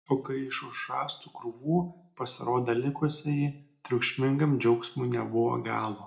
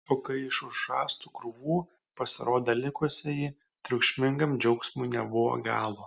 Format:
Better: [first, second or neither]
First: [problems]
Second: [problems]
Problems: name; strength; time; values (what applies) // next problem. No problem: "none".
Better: second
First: room echo; dies away in 0.4 s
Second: none